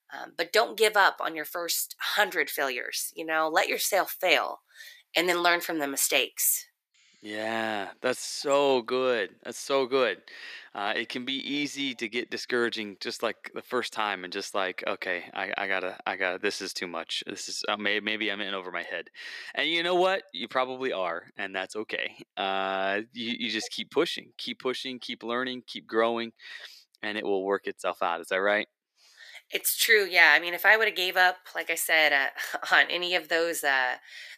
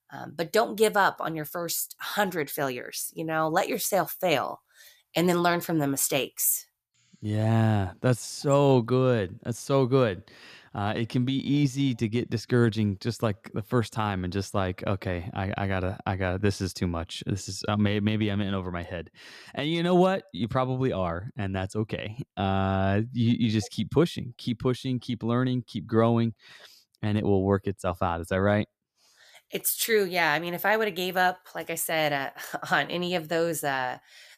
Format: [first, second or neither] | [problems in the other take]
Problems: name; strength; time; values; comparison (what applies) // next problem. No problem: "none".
second | thin; somewhat; fading below 350 Hz